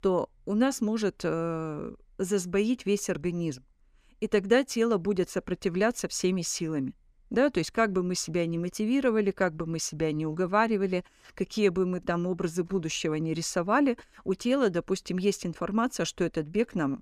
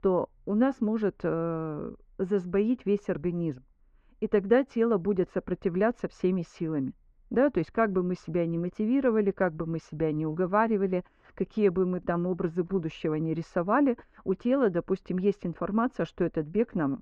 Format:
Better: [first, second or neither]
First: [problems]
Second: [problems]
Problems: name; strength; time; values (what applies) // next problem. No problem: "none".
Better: first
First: none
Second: muffled; very; fading above 1.5 kHz